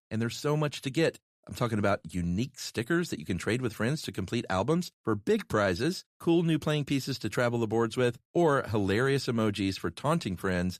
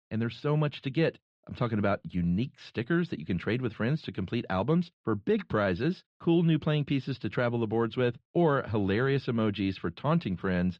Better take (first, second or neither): first